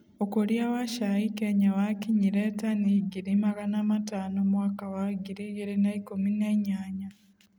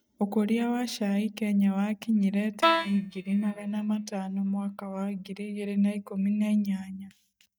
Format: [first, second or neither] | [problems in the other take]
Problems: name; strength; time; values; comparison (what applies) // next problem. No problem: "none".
first | noise reduction (neural mask model DeepFilterNet 3)